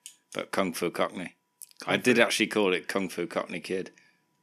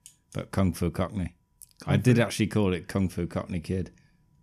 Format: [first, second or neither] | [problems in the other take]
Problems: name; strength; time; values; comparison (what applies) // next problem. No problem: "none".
second | thin; somewhat; fading below 300 Hz